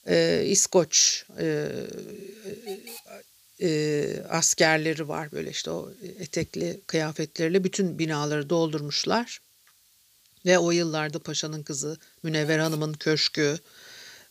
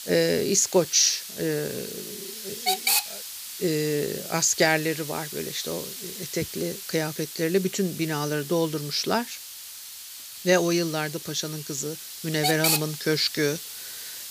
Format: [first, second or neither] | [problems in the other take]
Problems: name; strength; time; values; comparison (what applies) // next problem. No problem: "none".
first | hiss; loud; throughout; 6 dB below the speech; faint in the first